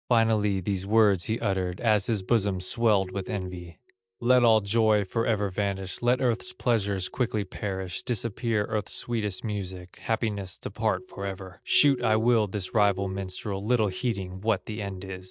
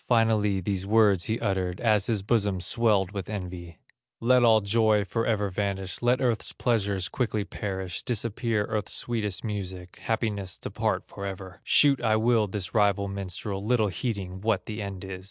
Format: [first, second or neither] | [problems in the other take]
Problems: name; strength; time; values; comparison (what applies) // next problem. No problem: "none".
second | noise reduction (neural mask model DeepFilterNet 3)